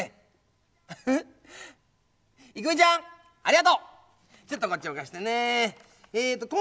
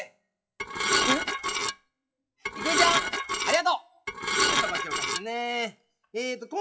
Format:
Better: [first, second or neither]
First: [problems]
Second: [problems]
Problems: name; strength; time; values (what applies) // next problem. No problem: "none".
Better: first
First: none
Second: noise reduction (classical method WPE with log-MMSE)